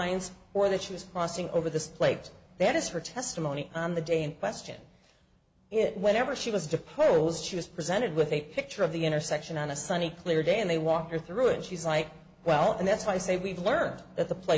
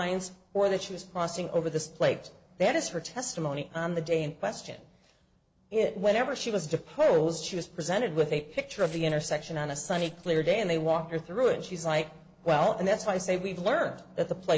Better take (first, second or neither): first